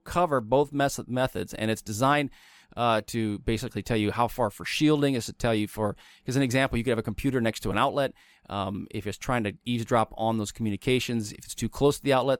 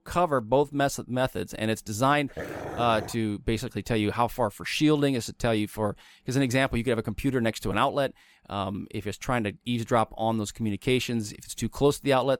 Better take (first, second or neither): first